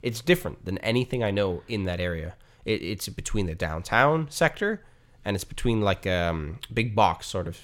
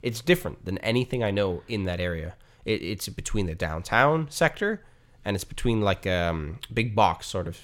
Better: neither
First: none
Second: none

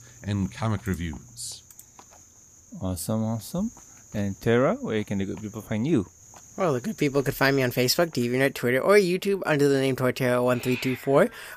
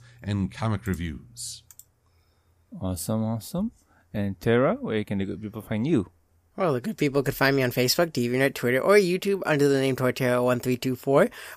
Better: second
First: animal sounds; faint; throughout; 20 dB below the speech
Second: none

